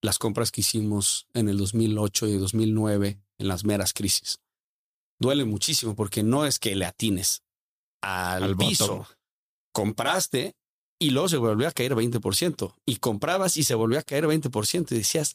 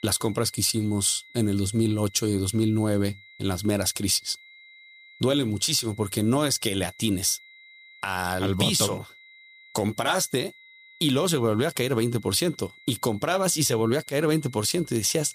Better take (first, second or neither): first